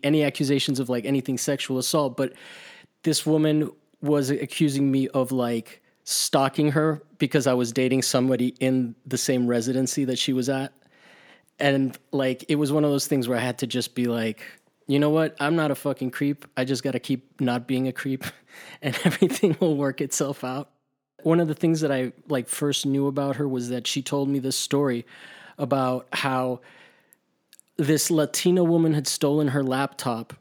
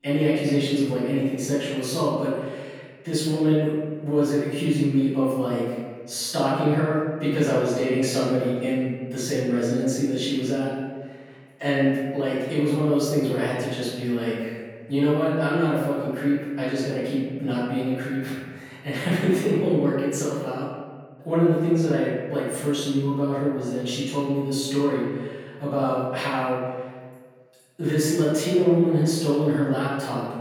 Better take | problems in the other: first | off-mic speech; far // room echo; strong; dies away in 1.5 s

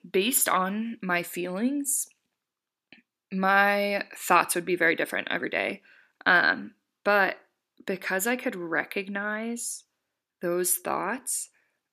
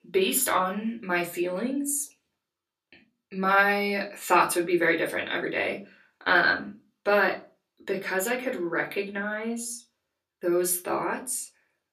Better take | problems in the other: first | off-mic speech; somewhat distant // room echo; very slight; dies away in 0.3 s

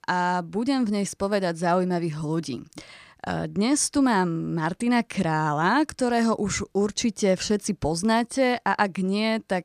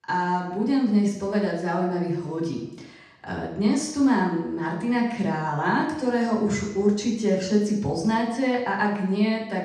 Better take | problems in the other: first | room echo; noticeable; dies away in 0.8 s // off-mic speech; far

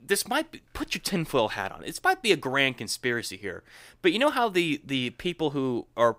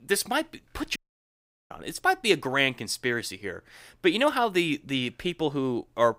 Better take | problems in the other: first | audio cutting out; at 1 s for 0.5 s

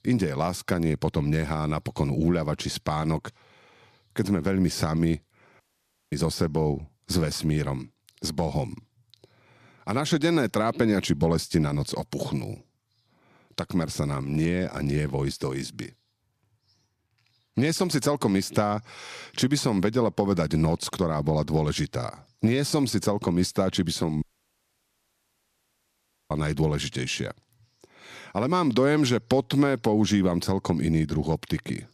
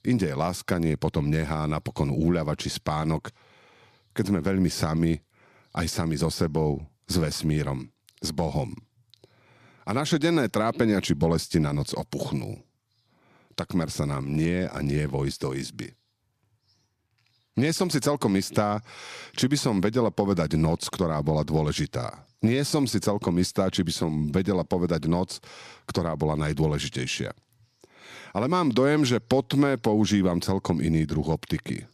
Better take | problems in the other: second | audio cutting out; at 5.5 s for 0.5 s and at 24 s for 2 s

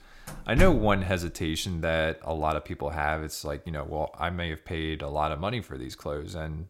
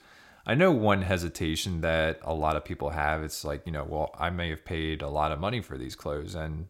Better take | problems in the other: second | door banging; noticeable; at 0.5 s; peak level with the speech

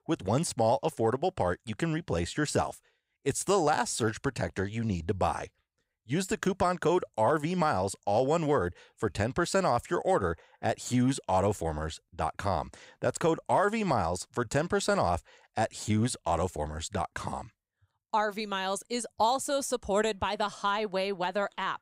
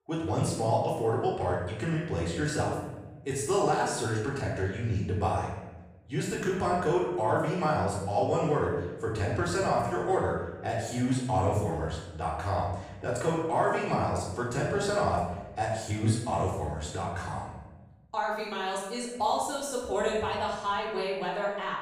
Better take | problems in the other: first | off-mic speech; far // room echo; noticeable; dies away in 1 s

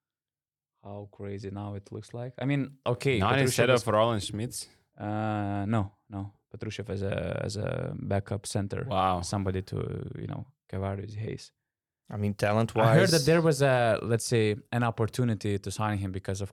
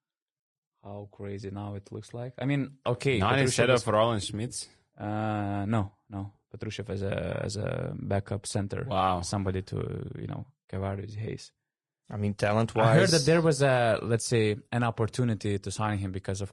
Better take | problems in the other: first | garbled, watery; slightly; nothing above 10.5 kHz

